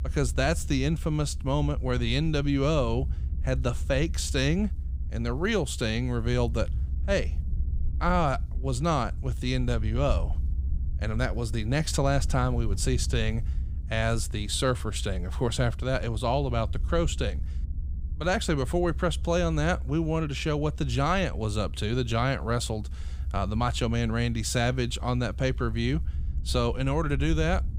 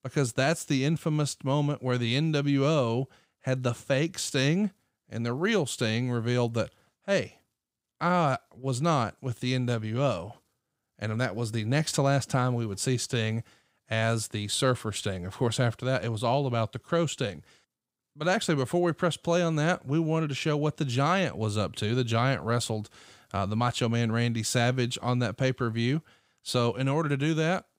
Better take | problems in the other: second | low rumble; faint; throughout; 20 dB below the speech

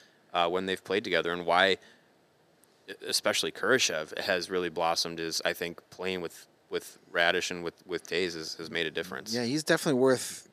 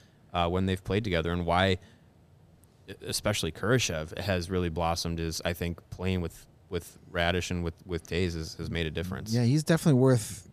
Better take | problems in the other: second | thin; somewhat; fading below 350 Hz

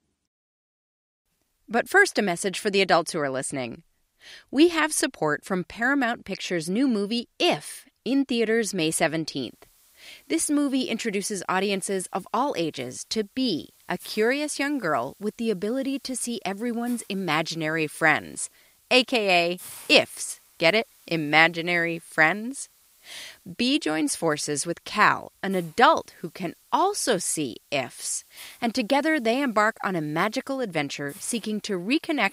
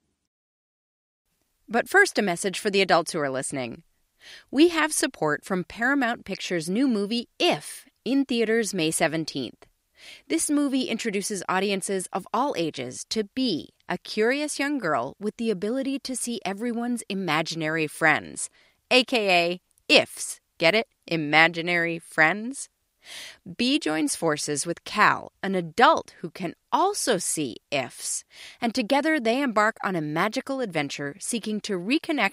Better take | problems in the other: second | hiss; faint; from 9.5 s on; 25 dB below the speech

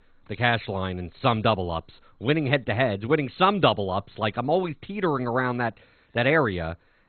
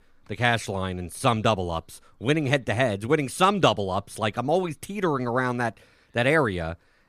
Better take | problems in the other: second | garbled, watery; badly; nothing above 4 kHz

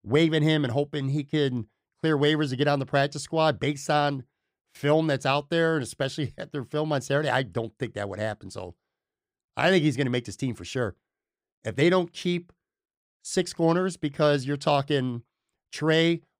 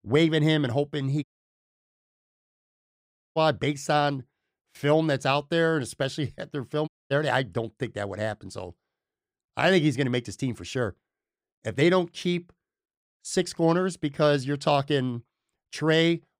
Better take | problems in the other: first | audio cutting out; at 1 s for 2 s and at 7 s

